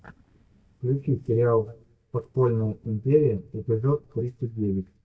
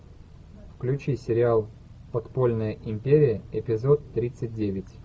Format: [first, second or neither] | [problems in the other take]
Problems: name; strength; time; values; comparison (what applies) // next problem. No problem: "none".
second | noise reduction (neural mask model DeepFilterNet 3)